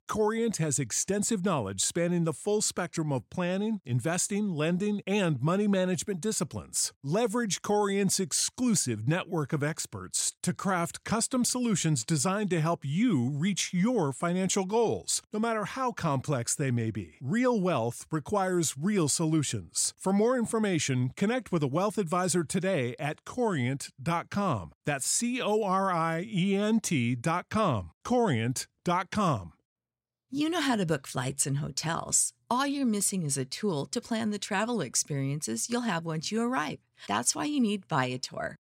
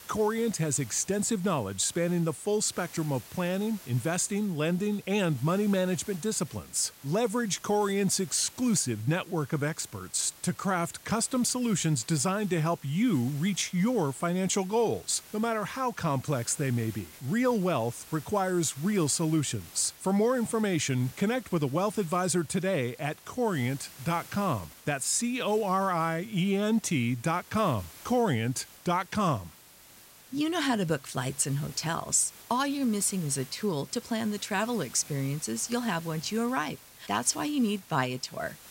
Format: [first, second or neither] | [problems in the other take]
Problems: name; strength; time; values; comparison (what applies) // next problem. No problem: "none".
first | hiss; noticeable; throughout; 20 dB below the speech